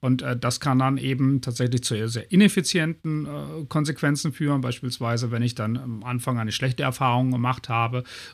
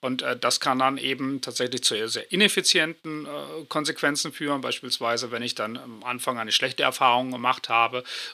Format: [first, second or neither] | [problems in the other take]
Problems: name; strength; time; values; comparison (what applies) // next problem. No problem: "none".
first | thin; somewhat; fading below 450 Hz